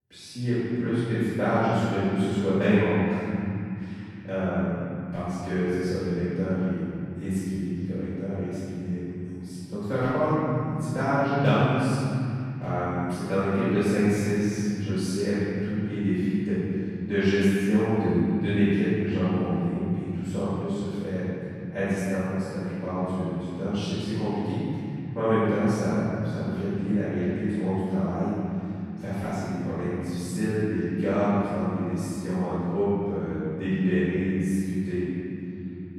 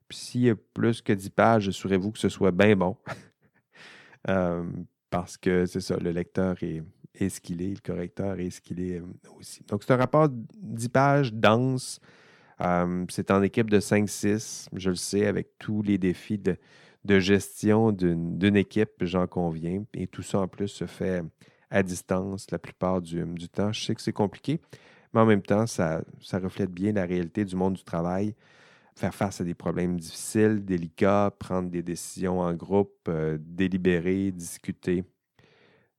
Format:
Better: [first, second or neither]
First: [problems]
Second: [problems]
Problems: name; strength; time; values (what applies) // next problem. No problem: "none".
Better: second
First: room echo; strong; dies away in 3 s // off-mic speech; far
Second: none